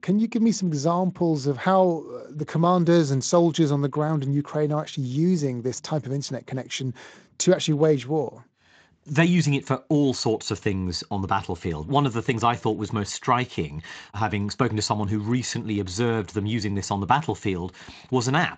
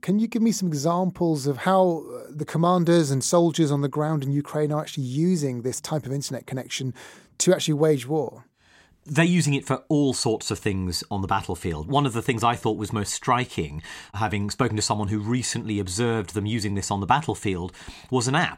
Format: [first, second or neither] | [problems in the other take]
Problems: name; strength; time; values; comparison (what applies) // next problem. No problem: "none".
second | garbled, watery; slightly; nothing above 7.5 kHz